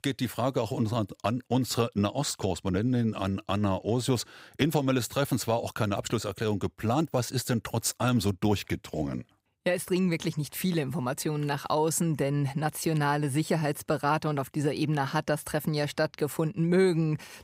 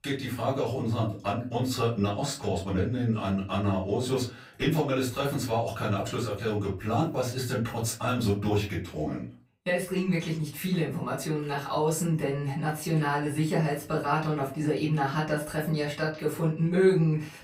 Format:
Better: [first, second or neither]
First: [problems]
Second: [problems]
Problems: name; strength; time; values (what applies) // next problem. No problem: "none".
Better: first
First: none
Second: off-mic speech; far // room echo; slight; dies away in 0.3 s